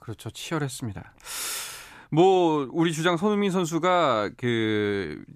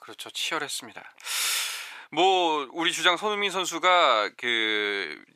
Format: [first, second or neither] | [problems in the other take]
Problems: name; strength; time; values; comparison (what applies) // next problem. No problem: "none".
first | thin; very; fading below 600 Hz